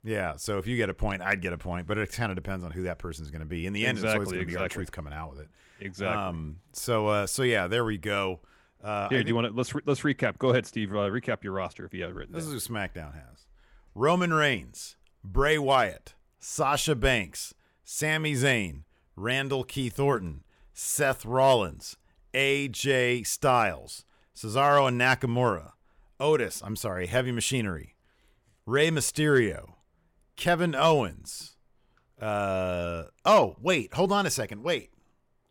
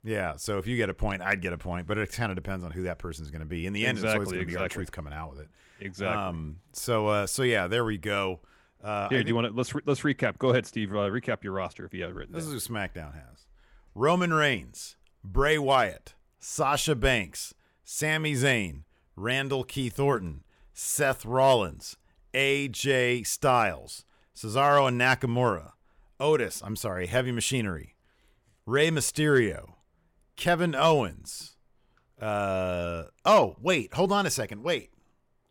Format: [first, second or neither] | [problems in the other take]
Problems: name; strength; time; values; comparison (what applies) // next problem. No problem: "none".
neither | none